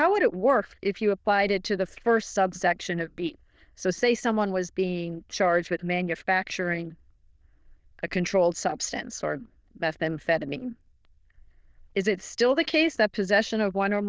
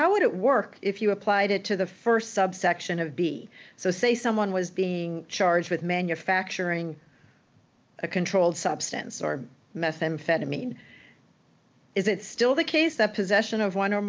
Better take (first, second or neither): second